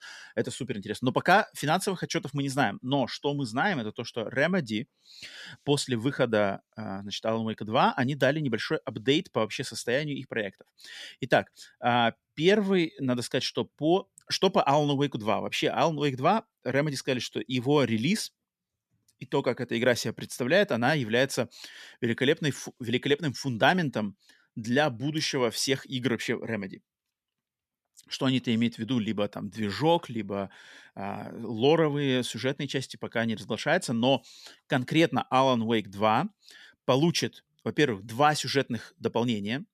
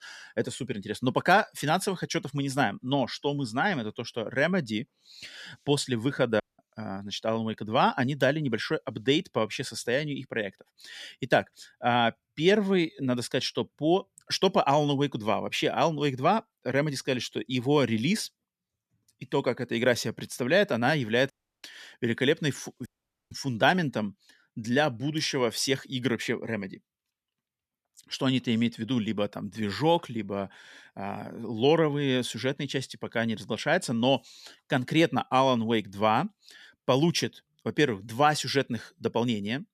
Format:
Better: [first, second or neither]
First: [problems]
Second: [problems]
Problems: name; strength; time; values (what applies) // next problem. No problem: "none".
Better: first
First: none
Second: audio cutting out; at 6.5 s, at 21 s and at 23 s